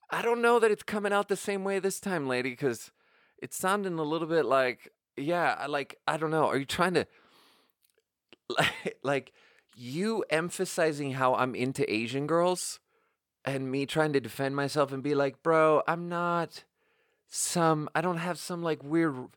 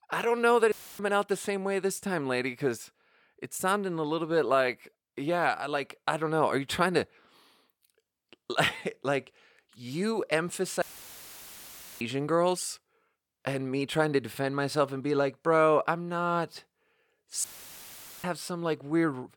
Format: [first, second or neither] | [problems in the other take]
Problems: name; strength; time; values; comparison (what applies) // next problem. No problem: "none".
first | audio cutting out; filled with static; at 0.5 s, at 11 s for 1 s and at 17 s for 1 s